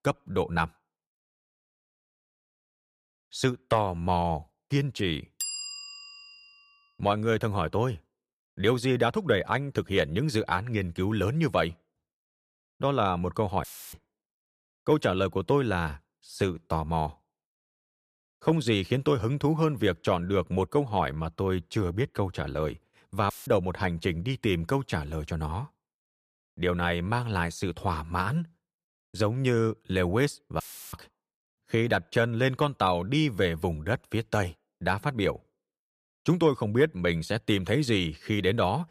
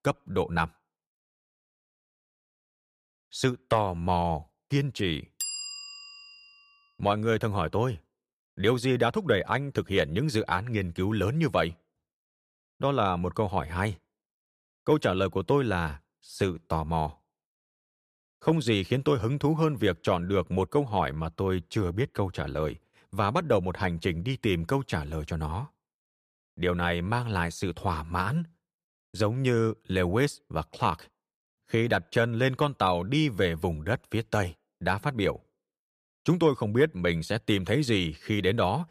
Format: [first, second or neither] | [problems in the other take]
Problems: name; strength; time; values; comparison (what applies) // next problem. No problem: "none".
second | audio cutting out; filled with static; at 14 s, at 23 s and at 31 s